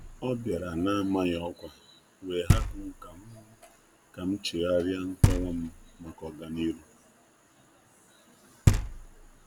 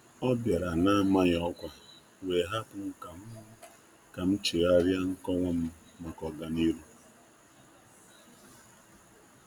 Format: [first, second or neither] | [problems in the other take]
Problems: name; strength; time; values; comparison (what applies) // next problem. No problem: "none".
second | background sound (Knock); 1 dB above the speech